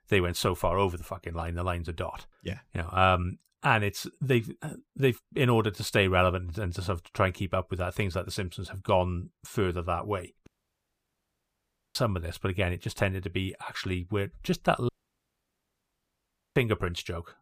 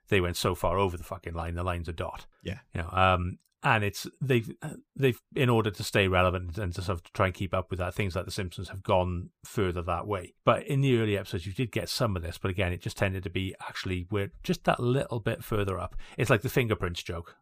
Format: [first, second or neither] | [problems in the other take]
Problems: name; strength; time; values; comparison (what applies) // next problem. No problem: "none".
second | audio cutting out; at 10 s for 1.5 s and at 15 s for 1.5 s